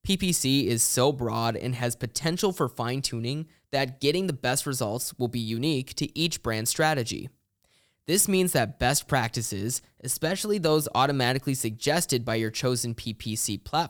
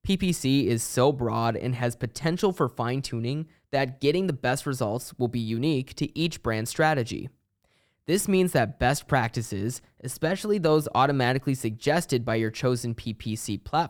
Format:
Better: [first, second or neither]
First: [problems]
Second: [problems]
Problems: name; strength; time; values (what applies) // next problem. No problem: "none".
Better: first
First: none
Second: muffled; slightly; fading above 3 kHz